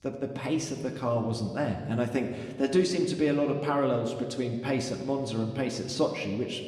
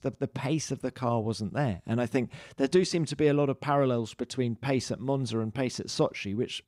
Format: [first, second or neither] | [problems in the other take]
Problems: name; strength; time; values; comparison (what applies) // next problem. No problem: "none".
second | room echo; slight; dies away in 1.3 s